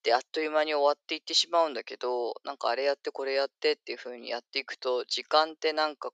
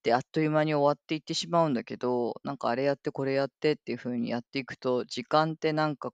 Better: second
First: thin; very; fading below 400 Hz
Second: none

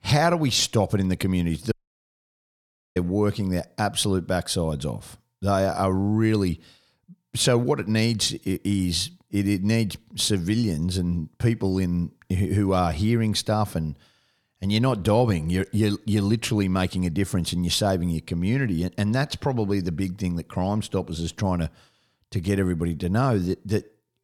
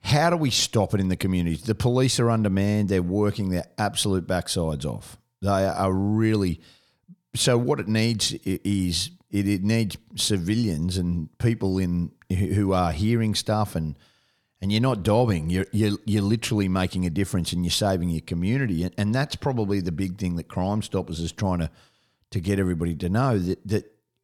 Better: second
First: audio cutting out; at 1.5 s for 1 s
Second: none

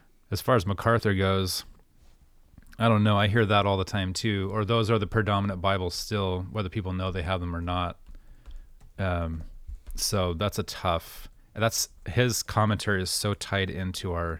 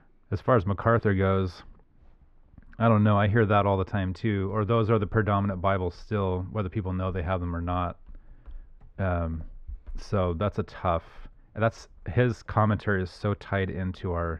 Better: first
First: none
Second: muffled; very; fading above 1.5 kHz

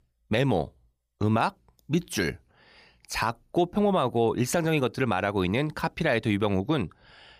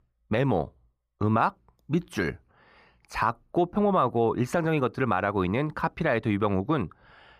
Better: first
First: none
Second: muffled; slightly; fading above 3 kHz

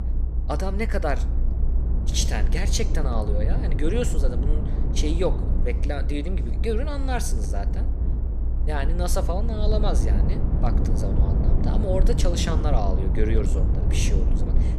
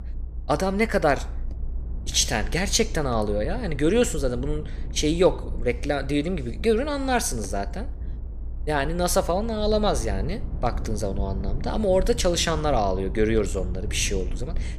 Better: second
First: low rumble; loud; throughout; 7 dB below the speech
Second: low rumble; faint; throughout; 20 dB below the speech

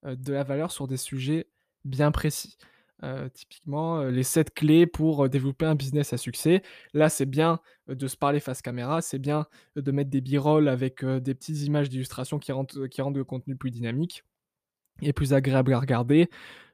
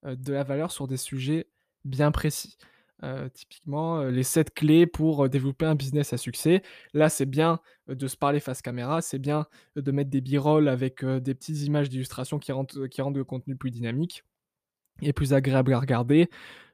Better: neither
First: none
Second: none

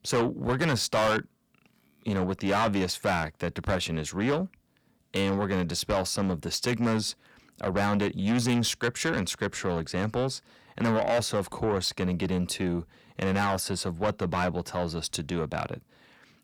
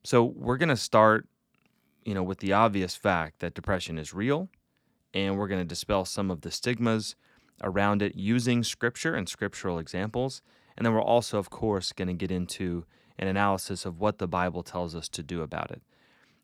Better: second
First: distortion; heavy; 6 dB below the speech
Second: none

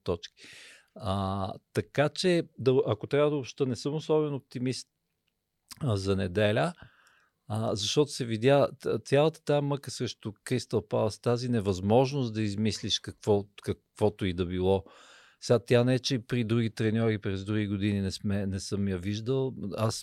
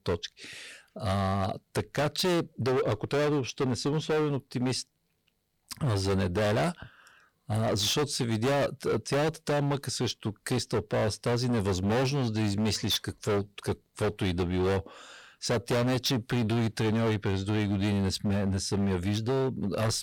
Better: first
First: none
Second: distortion; heavy; 22% of the sound clipped

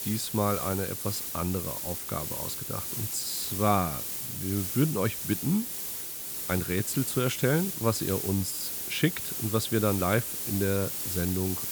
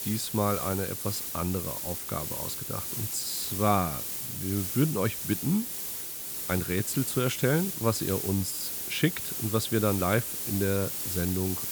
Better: neither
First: hiss; loud; throughout; 2 dB below the speech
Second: hiss; loud; throughout; 2 dB below the speech

